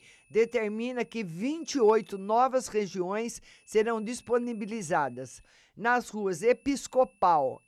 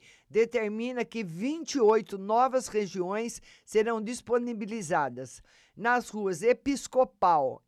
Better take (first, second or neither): second